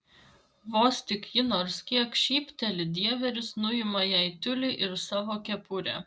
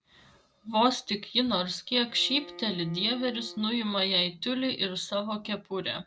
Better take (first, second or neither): first